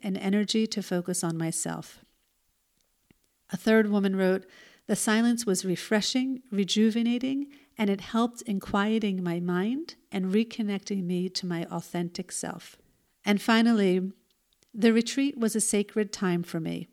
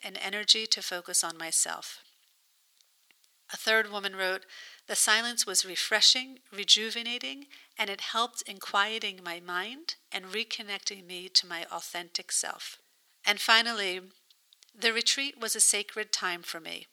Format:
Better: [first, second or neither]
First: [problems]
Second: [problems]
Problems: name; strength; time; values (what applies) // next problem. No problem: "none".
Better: first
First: none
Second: thin; very; fading below 950 Hz